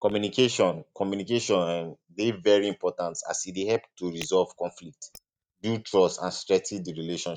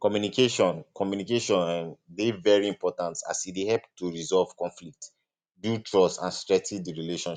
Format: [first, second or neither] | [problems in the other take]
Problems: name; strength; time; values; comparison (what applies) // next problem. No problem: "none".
second | noise reduction (neural mask model DeepFilterNet 3)